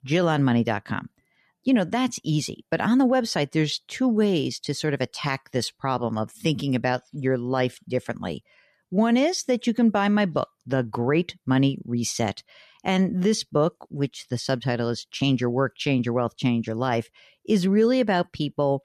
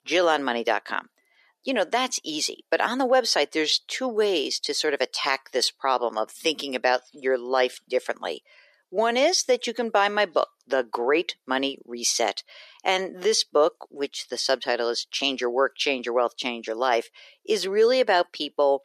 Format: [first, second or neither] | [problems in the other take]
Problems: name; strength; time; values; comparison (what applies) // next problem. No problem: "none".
first | thin; very; fading below 400 Hz